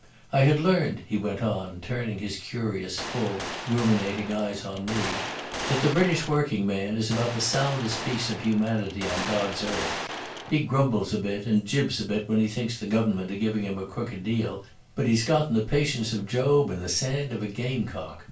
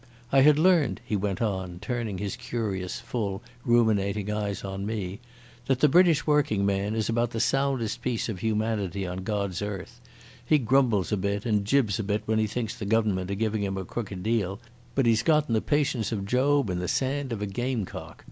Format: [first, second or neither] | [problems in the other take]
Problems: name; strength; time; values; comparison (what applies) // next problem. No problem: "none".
second | background sound (Gunshot, gunfire); 7 dB below the speech // room echo; dies away in 0.2 s